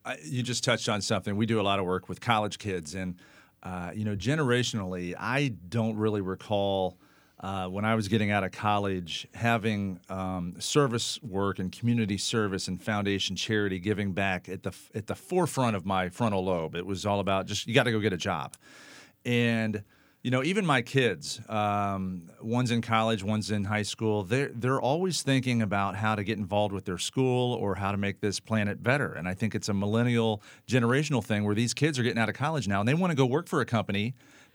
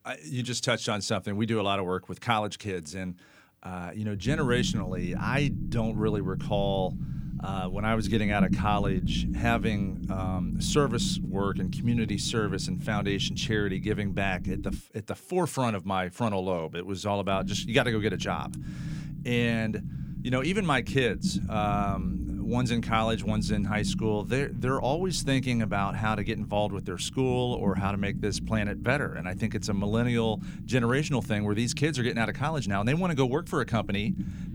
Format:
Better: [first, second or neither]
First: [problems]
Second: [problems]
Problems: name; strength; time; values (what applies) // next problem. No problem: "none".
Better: first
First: none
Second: low rumble; noticeable; from 4.5 to 15 s and from 17 s on; 15 dB below the speech